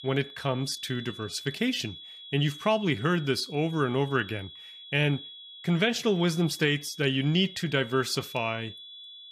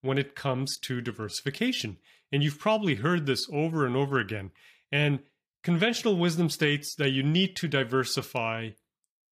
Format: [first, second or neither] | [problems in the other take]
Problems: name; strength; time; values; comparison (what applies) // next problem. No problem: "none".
second | high-pitched whine; noticeable; throughout; 3.5 kHz, 15 dB below the speech